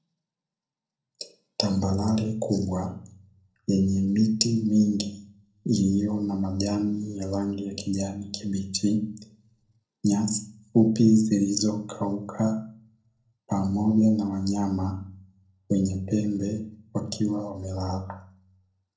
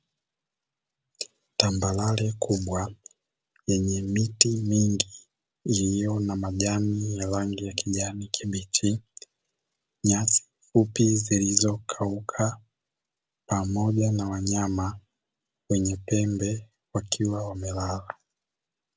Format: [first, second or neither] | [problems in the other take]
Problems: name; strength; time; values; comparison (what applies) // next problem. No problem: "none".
second | room echo; dies away in 0.5 s